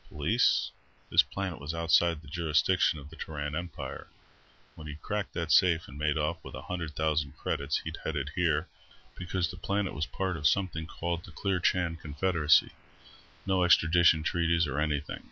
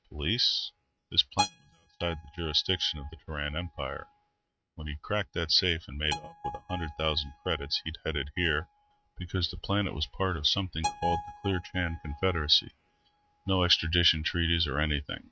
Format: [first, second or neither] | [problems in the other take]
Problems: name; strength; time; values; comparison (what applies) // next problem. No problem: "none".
first | noise reduction (neural mask model RNNoise)